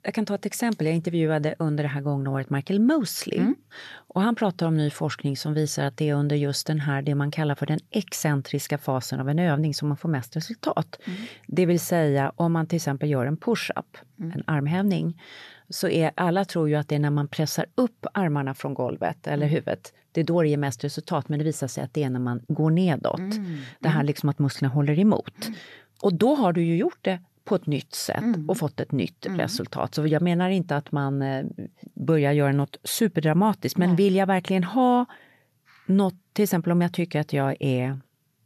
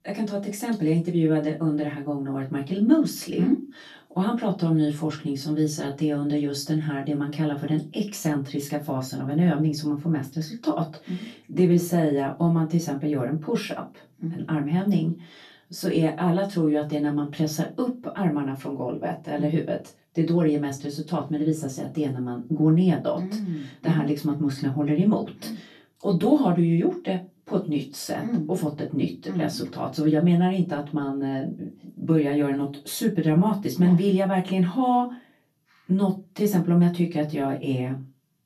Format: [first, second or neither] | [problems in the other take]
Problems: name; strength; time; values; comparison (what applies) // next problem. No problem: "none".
first | off-mic speech; far // room echo; very slight; dies away in 0.2 s